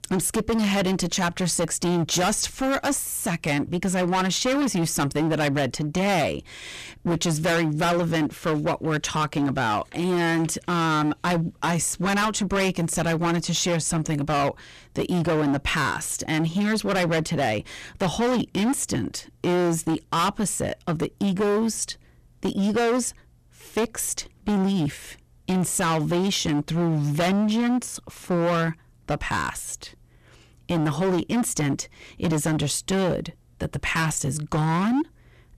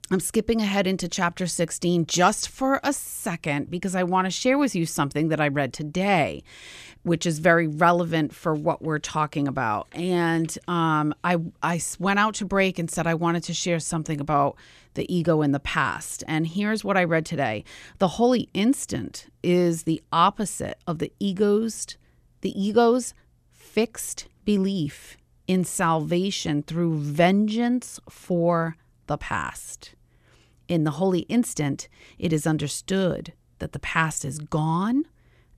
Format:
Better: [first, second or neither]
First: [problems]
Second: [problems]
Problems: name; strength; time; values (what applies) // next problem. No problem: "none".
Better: second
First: distortion; heavy; 20% of the sound clipped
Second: none